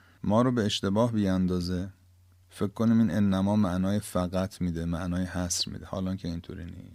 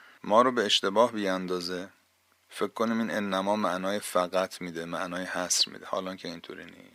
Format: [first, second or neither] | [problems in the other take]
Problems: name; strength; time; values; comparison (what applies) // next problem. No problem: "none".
first | thin; somewhat; fading below 450 Hz